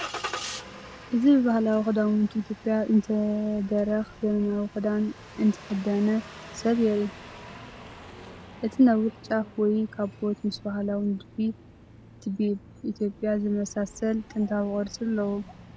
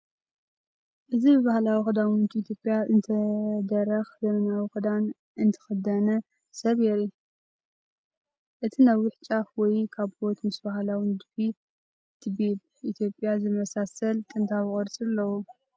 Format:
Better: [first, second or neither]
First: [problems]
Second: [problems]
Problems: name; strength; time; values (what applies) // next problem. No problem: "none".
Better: second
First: background sound (Engine starting); 17 dB below the speech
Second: none